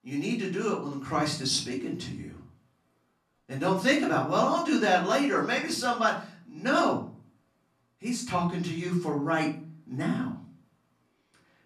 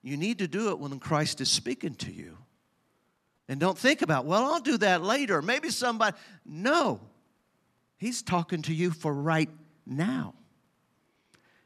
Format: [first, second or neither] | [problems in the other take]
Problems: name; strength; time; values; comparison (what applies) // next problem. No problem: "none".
second | off-mic speech; far // room echo; slight; dies away in 0.4 s